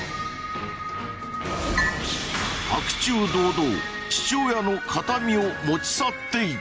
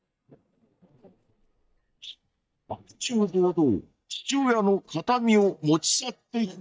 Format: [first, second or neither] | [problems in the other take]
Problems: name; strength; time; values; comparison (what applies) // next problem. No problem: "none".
first | noise reduction (neural mask model DeepFilterNet 3)